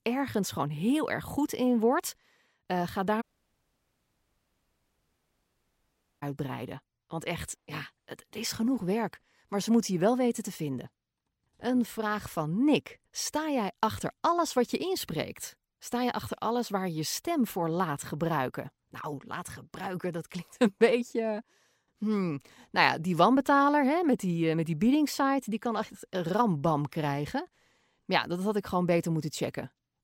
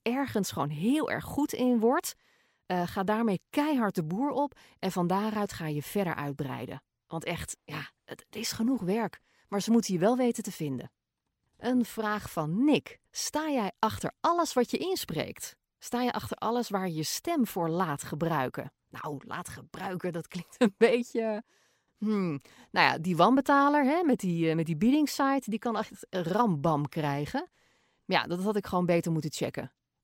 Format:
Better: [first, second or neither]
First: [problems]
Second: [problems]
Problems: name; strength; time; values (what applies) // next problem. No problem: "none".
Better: second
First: audio cutting out; at 3 s for 3 s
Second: none